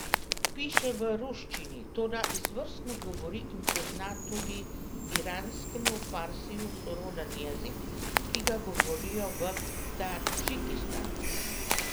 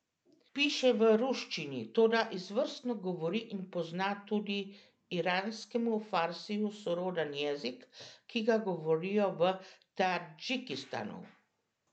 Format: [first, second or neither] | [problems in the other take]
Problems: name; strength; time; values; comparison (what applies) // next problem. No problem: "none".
second | background sound (Train + Walk, footsteps); 4 dB above the speech